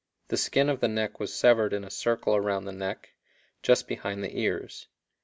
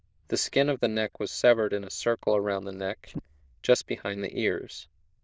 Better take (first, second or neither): first